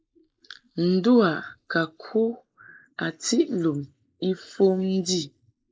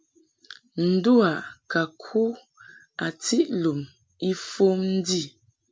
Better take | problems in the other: second | noise reduction (neural mask model Resemble Enhance denoiser)

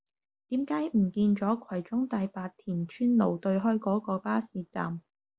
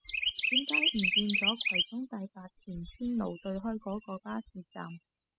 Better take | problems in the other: first | noise reduction (classical method spectral subtraction)

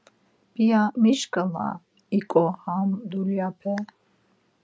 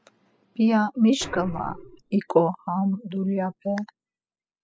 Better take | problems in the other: first | noise reduction (classical method spectral subtraction)

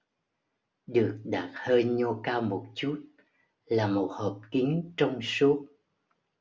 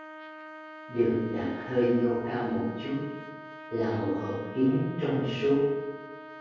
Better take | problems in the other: first | background sound (Trumpet); 15 dB below the speech // room echo; dies away in 1.3 s

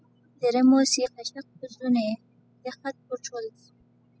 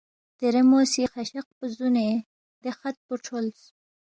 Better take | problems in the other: second | noise reduction (classical method spectral subtraction)

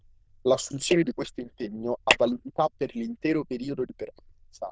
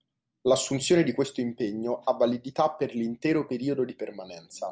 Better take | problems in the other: second | noise reduction (neural diffusion model UNIVERSE++)

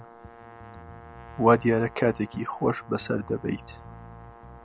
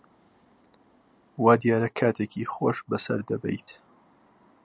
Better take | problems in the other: second | background sound (Bass guitar + Brass instrument); 17 dB below the speech

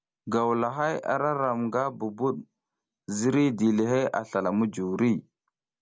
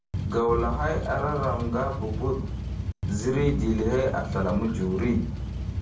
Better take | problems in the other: first | background sound (Boat, Water vehicle); 3 dB below the speech // room echo; dies away in 0.4 s

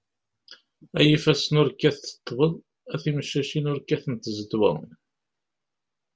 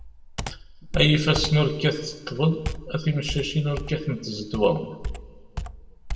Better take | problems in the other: first | background sound (Computer keyboard); 9 dB below the speech // room echo; dies away in 1.3 s

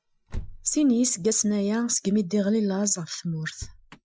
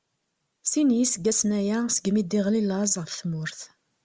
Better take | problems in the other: second | noise reduction (classical method Wiener filter)

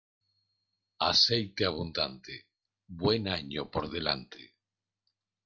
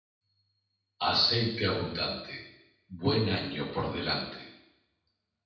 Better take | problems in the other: first | room echo; dies away in 0.9 s

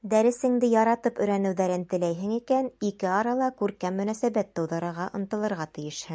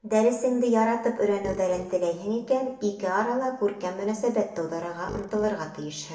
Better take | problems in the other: first | background sound (Burping, eructation); 17 dB below the speech // room echo; dies away in 0.8 s

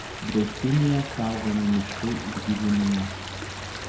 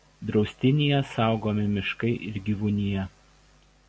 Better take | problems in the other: second | background sound (Stream); 8 dB below the speech // room echo; dies away in 0.6 s

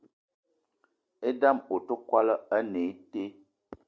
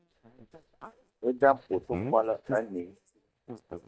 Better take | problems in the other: first | noise reduction (neural mask model DeepFilterNet 3)

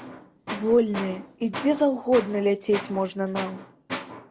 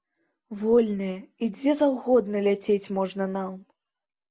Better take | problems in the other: second | background sound (Tools); 12 dB below the speech

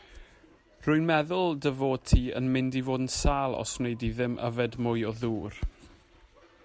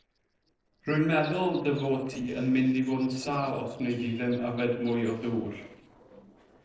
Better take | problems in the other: first | noise reduction (neural separator model SepFormer DNS4)

